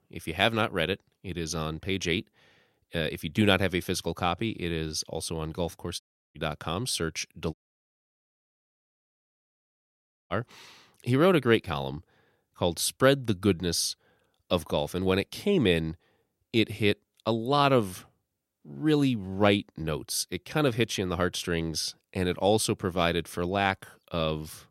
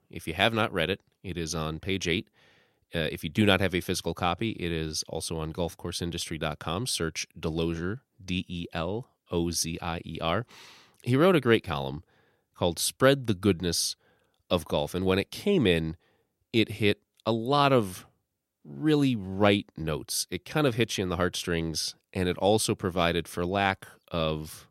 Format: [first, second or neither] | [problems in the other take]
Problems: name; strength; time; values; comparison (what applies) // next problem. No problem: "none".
second | audio cutting out; at 6 s and at 7.5 s for 3 s